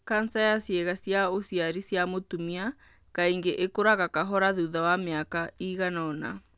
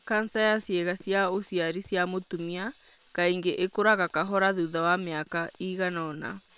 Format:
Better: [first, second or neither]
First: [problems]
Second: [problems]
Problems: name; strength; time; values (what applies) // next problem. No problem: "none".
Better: first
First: none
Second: noise reduction (neural separator model SepFormer WHAM!)